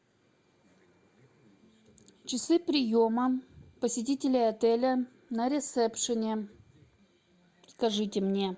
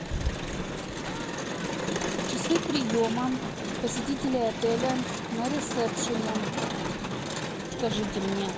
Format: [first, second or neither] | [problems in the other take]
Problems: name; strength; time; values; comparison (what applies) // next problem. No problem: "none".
first | background sound (Crowd); as loud as the speech